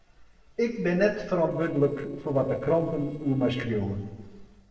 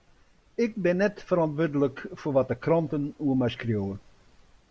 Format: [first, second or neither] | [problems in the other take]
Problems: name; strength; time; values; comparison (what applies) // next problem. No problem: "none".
second | noise reduction (neural separator model SepFormer DNS4)